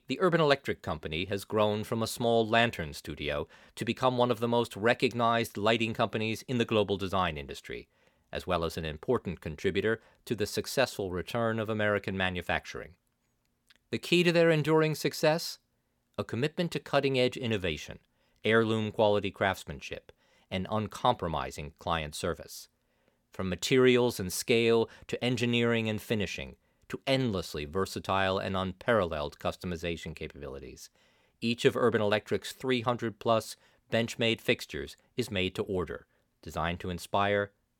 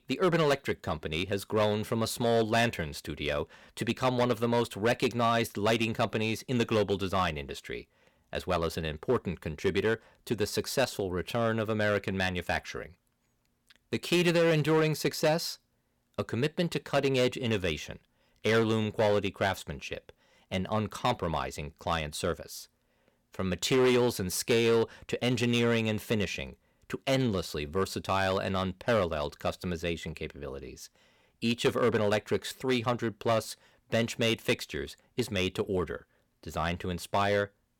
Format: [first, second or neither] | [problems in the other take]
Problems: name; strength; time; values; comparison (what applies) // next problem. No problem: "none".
first | distortion; slight; 4% of the sound clipped